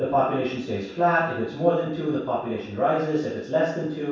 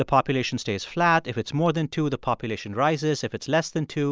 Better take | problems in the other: second | room echo; dies away in 0.7 s

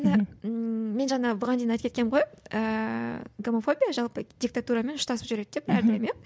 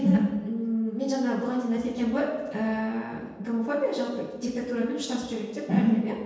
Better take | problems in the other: first | room echo; dies away in 1.2 s

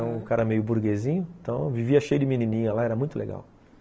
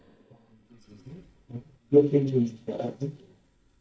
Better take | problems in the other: first | noise reduction (neural mask model DeepFilterNet 3)

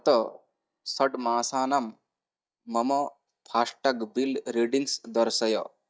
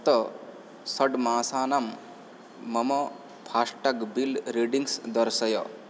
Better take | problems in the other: second | noise reduction (neural mask model DeepFilterNet 3)

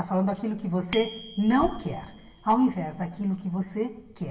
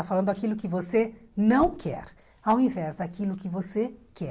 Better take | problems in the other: second | background sound (Bicycle bell); 19 dB below the speech // room echo; dies away in 0.9 s

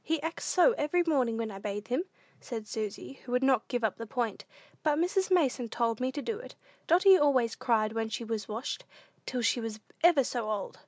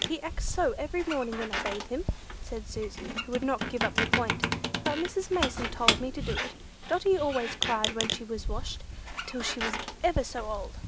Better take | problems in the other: first | background sound (Squeak); as loud as the speech

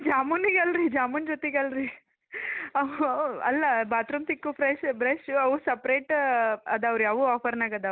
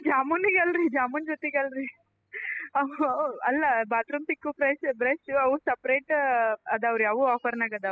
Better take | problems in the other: first | noise reduction (classical method spectral subtraction)

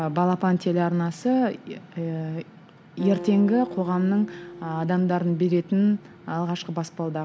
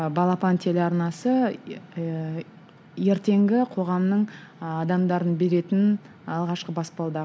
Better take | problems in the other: second | background sound (Acoustic guitar); 18 dB below the speech

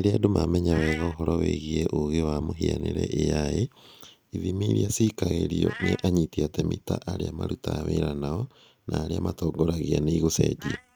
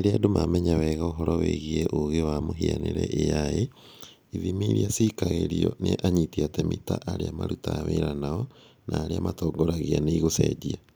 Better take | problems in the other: second | noise reduction (neural mask model RNNoise)

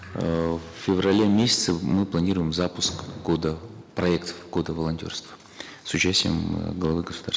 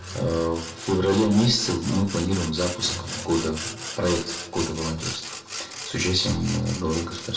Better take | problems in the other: first | background sound (Sawing); 11 dB below the speech // room echo; dies away in 0.3 s

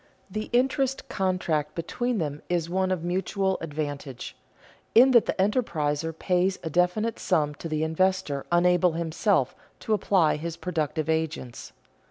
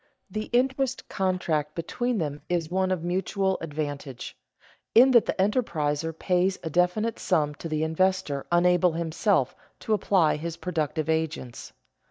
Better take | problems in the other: first | noise reduction (neural mask model DeepFilterNet 3)

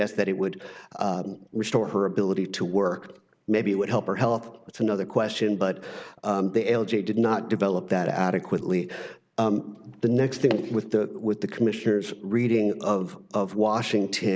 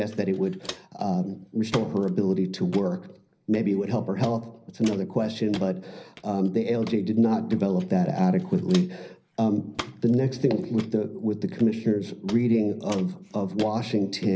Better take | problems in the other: first | background sound (Walk, footsteps); 18 dB below the speech // room echo; dies away in 0.5 s

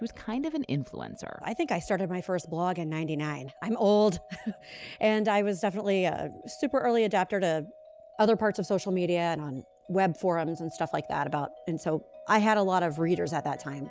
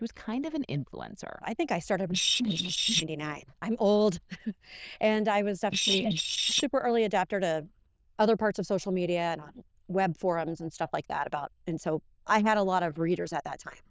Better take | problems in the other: first | noise reduction (neural diffusion model UNIVERSE++)

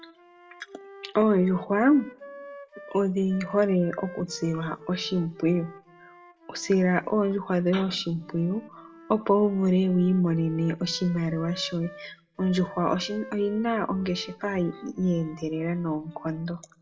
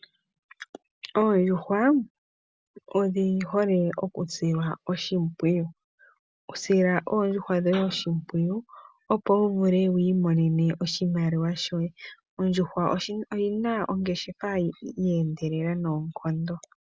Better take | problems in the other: second | background sound (Wind instrument, woodwind instrument); 20 dB below the speech // room echo; dies away in 0.4 s

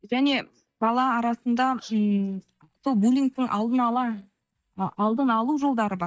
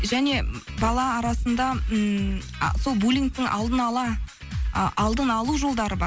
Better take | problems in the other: second | noise reduction (neural mask model DeepFilterNet 3)

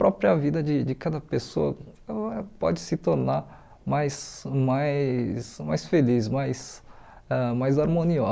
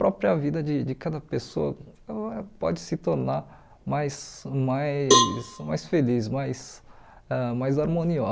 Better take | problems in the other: first | background sound (Cowbell); 1 dB above the speech

